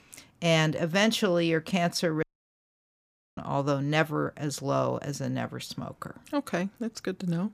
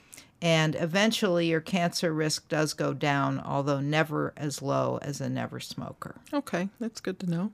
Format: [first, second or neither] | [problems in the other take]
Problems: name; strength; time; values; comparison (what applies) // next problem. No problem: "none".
second | audio cutting out; at 2 s for 1 s